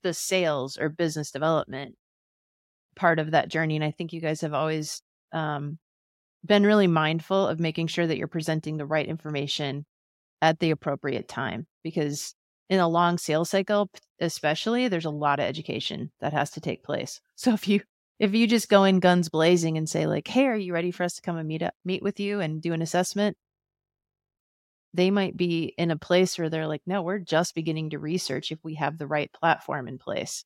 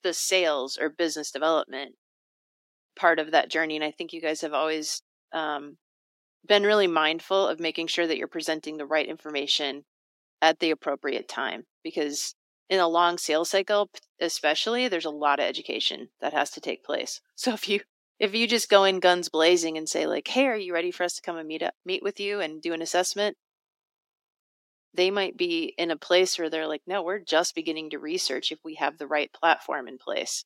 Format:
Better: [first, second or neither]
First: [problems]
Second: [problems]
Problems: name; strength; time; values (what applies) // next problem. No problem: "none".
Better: first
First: none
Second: thin; somewhat; fading below 300 Hz